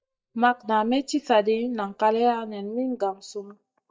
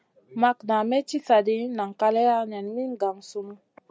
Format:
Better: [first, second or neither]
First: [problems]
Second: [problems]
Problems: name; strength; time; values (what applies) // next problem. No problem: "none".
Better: second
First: noise reduction (neural mask model DeepFilterNet 3)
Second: none